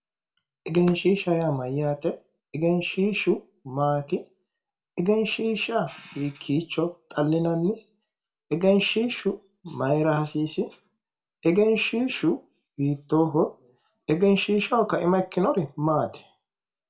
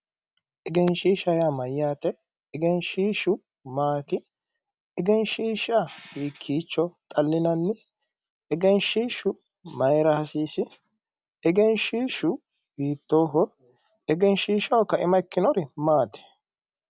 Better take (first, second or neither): second